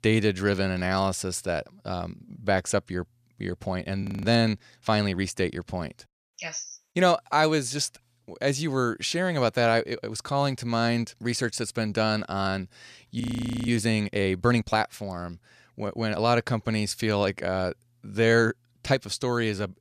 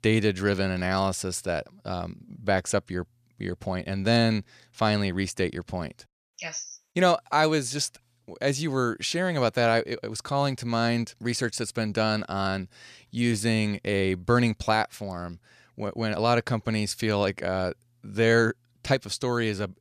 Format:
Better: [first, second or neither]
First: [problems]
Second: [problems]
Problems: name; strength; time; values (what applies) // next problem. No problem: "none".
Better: second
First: audio freezing; at 4 s and at 13 s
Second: none